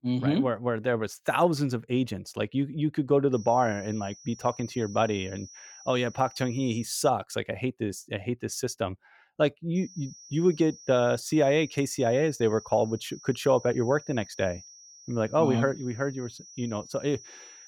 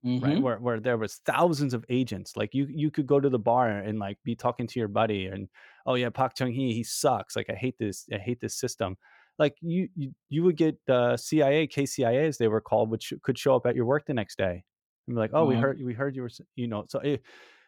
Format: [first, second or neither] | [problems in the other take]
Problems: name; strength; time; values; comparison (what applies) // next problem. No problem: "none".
second | high-pitched whine; noticeable; from 3.5 to 7 s and from 10 s on; 6 kHz, 20 dB below the speech